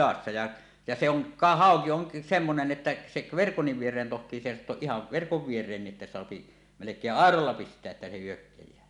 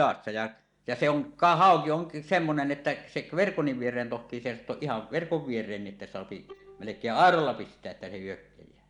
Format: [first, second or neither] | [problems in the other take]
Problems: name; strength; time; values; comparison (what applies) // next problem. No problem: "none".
first | noise reduction (neural mask model DeepFilterNet 3)